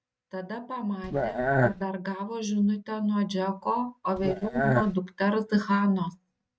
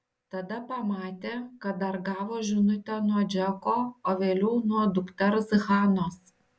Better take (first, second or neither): second